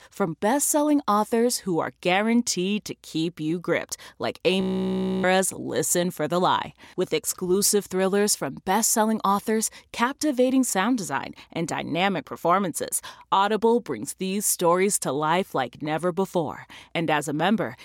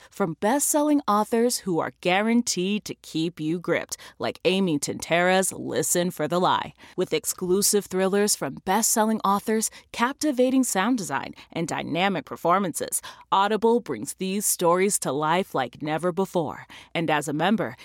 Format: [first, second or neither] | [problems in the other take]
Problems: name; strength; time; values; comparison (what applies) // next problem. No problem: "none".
second | audio freezing; at 4.5 s for 0.5 s